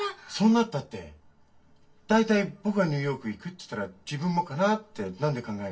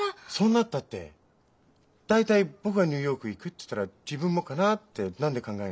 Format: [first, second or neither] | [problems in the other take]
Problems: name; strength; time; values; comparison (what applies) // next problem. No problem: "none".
second | room echo; dies away in 0.2 s